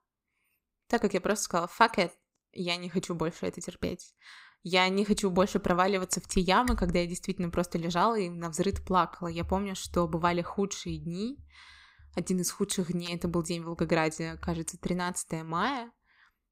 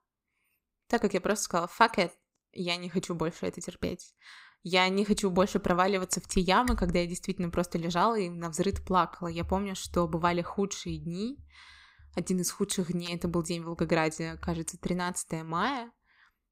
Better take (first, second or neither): neither